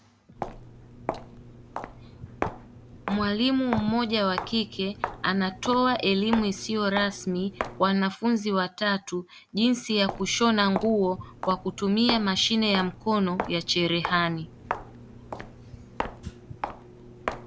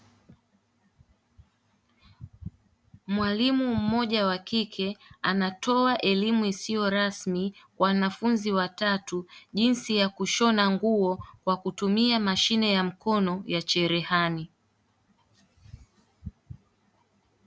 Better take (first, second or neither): second